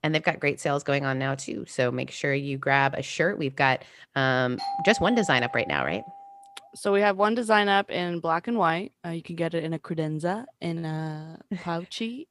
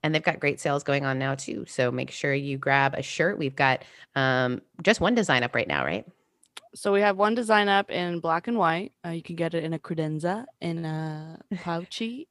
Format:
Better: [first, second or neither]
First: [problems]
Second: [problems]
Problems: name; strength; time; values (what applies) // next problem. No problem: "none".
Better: second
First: doorbell; noticeable; from 4.5 to 6.5 s; peak 5 dB below the speech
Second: none